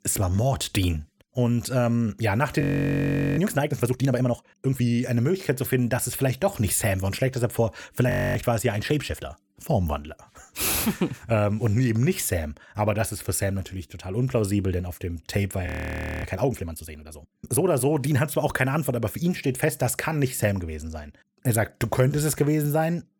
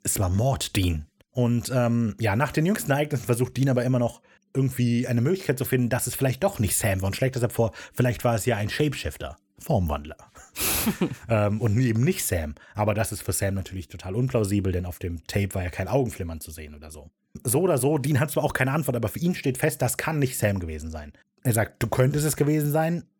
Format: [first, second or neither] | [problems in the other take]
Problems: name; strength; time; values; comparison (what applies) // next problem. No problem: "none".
second | audio freezing; at 2.5 s for 1 s, at 8 s and at 16 s for 0.5 s